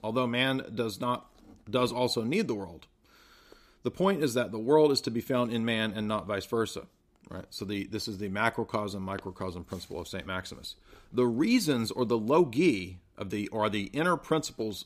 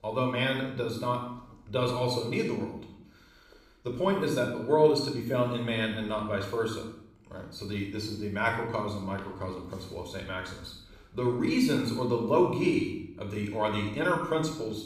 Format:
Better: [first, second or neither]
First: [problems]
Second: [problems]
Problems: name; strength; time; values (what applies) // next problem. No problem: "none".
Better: first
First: none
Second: off-mic speech; somewhat distant // room echo; noticeable; dies away in 0.7 s